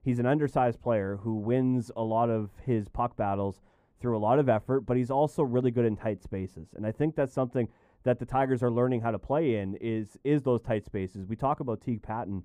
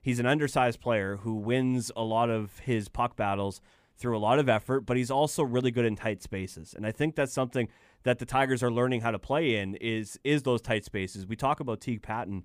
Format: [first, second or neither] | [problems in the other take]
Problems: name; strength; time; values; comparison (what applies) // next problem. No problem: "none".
second | muffled; very; fading above 1.5 kHz